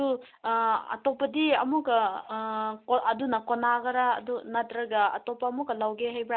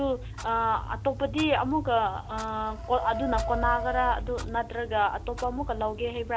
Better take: first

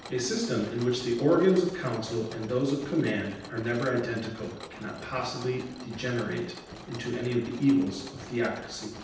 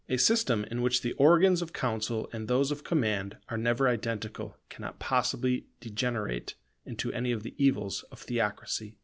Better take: second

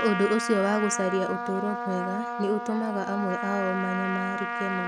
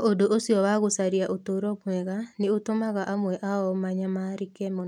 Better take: second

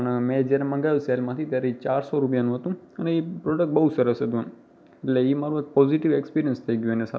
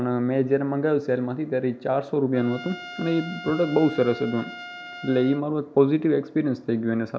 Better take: first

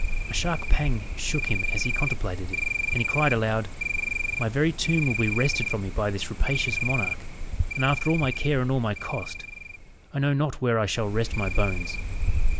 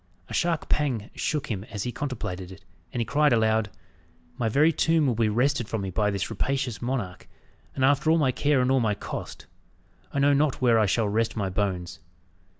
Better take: second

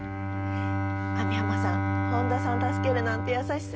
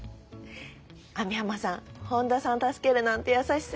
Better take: second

